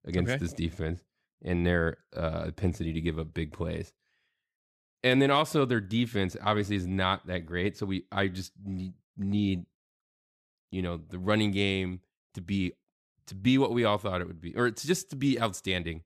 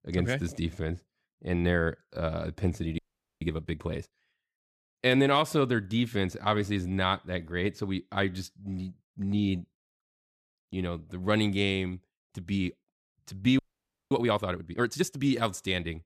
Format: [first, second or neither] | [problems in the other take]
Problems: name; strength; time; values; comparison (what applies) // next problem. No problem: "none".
first | audio freezing; at 3 s and at 14 s for 0.5 s